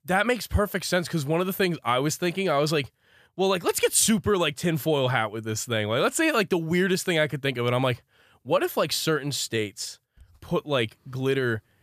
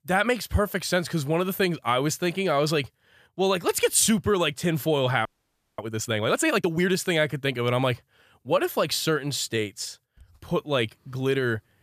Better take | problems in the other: first | audio freezing; at 5.5 s for 0.5 s

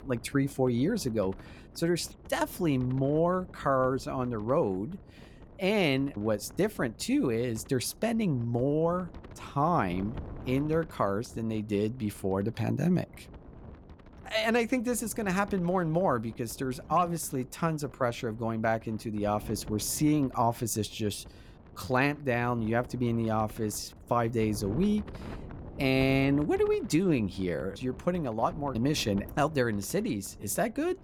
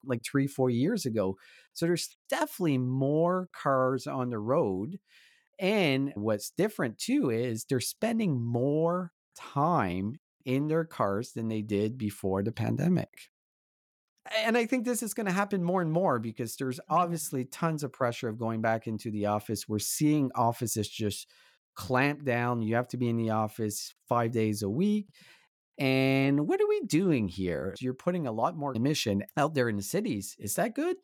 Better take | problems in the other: second | wind noise on the microphone; occasional gusts; 20 dB below the speech

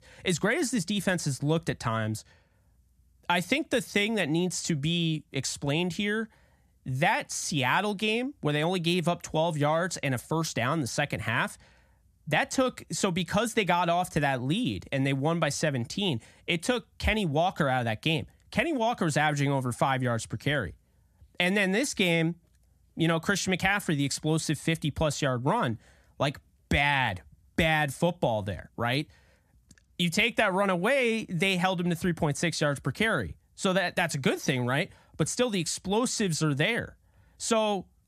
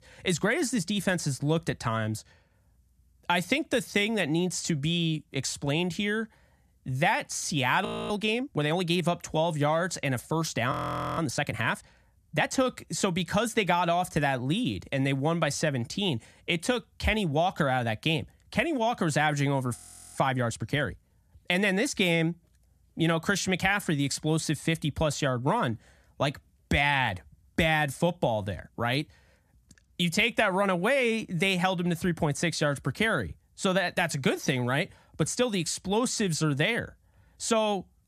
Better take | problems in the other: first | audio freezing; at 8 s, at 11 s and at 20 s

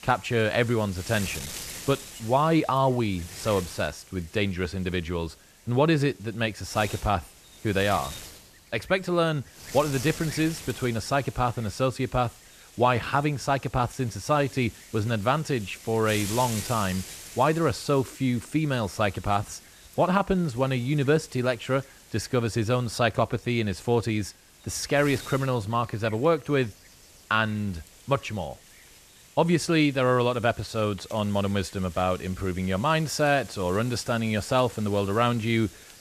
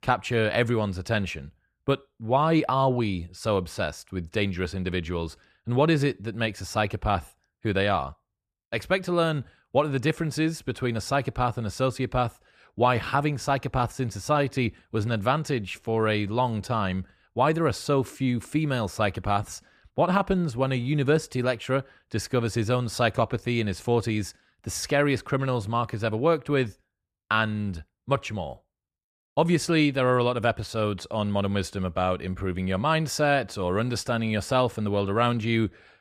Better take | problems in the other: second | wind noise on the microphone; occasional gusts; 15 dB below the speech

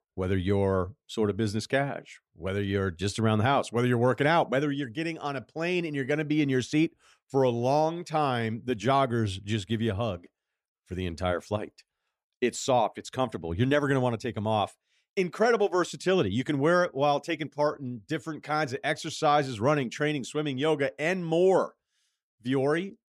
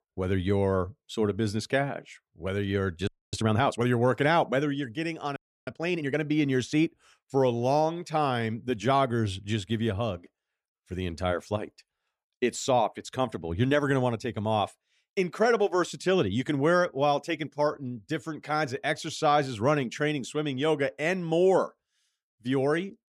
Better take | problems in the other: first | audio freezing; at 3 s and at 5.5 s

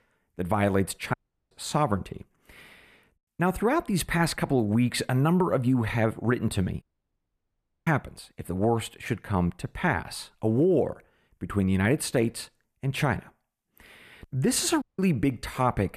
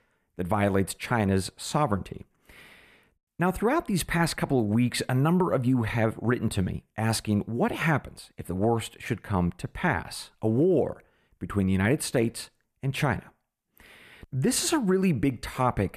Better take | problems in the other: second | audio cutting out; at 1 s, at 7 s for 1 s and at 15 s

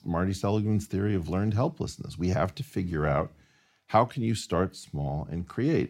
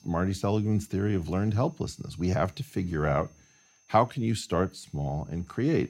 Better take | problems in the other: first | high-pitched whine; faint; throughout; 6.5 kHz, 35 dB below the speech

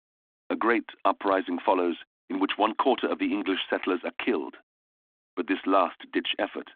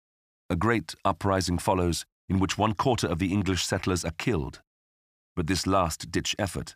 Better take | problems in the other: second | phone-call audio; nothing above 3.5 kHz

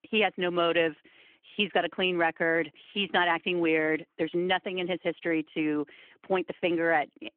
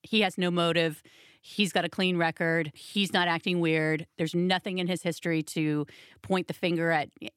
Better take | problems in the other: second | phone-call audio; nothing above 3 kHz

